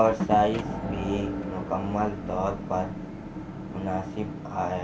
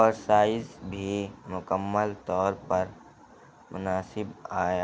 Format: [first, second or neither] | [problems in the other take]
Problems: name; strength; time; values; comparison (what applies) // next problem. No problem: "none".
second | background sound (Motor vehicle (road) / Engine); 5 dB below the speech // room echo; dies away in 0.3 s